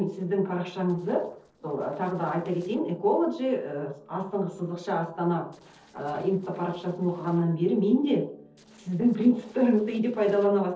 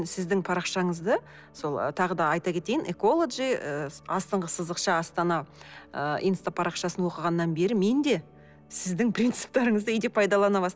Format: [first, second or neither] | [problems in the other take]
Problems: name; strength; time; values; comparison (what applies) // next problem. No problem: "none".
second | noise reduction (neural separator model SepFormer DNS4)